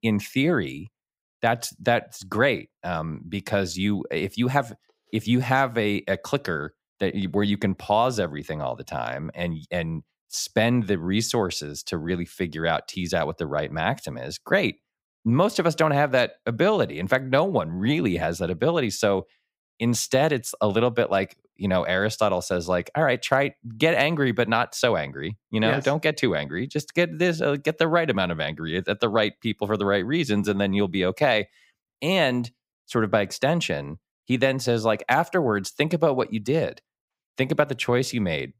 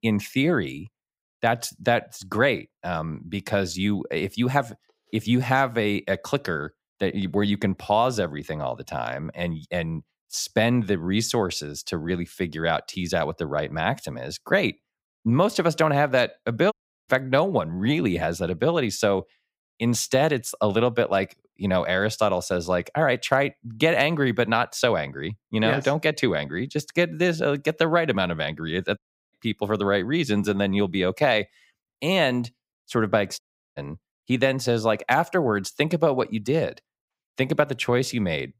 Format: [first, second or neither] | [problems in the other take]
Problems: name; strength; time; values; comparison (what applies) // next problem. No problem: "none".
first | audio cutting out; at 17 s, at 29 s and at 33 s